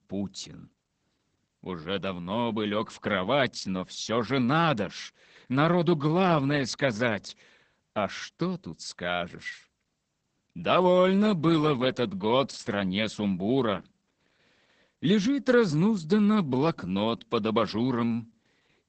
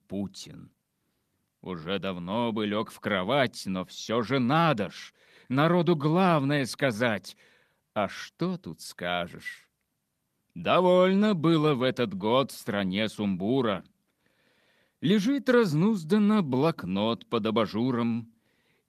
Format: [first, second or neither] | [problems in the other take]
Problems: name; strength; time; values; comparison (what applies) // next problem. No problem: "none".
second | garbled, watery; badly; nothing above 8 kHz; slightly in the second